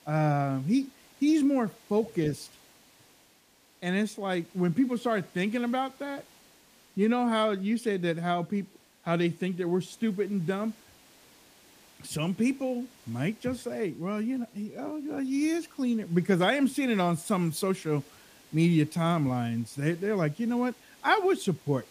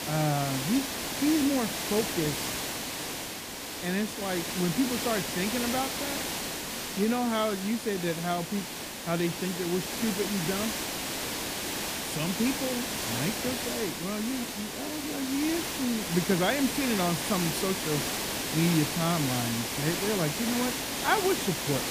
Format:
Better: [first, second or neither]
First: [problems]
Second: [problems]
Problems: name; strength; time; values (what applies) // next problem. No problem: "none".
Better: first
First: hiss; faint; throughout; 25 dB below the speech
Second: hiss; loud; throughout; 1 dB below the speech